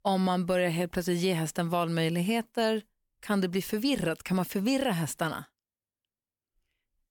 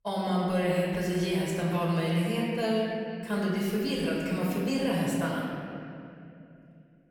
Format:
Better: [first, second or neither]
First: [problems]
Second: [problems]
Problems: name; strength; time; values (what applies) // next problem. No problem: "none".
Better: first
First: none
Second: off-mic speech; far // room echo; noticeable; dies away in 2.6 s